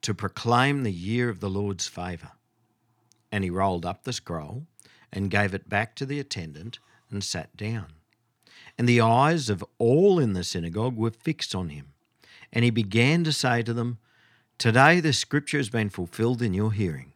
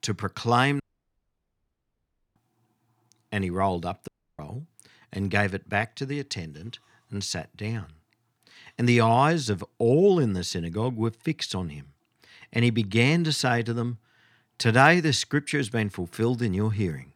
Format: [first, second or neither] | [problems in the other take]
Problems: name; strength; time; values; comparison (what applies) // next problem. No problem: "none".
first | audio cutting out; at 1 s for 1.5 s and at 4 s